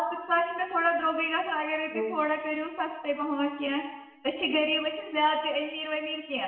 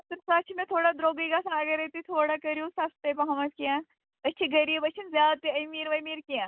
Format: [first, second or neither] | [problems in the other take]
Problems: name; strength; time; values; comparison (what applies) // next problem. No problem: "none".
second | background sound (Brass instrument); 11 dB below the speech // room echo; dies away in 1 s